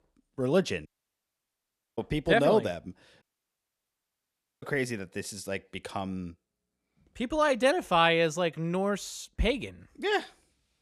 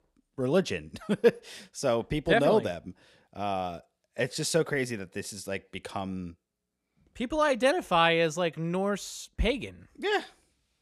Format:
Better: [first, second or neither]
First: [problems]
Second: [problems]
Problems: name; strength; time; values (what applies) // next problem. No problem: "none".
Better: second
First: audio cutting out; at 1 s for 1 s and at 3 s for 1.5 s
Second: none